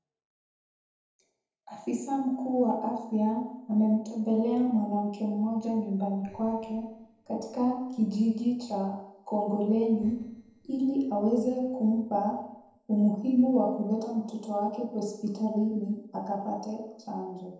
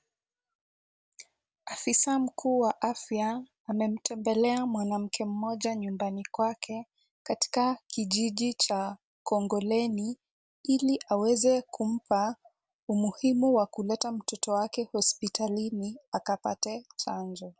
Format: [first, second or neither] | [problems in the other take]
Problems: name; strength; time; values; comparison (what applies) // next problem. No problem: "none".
second | noise reduction (neural separator model SepFormer DNS4)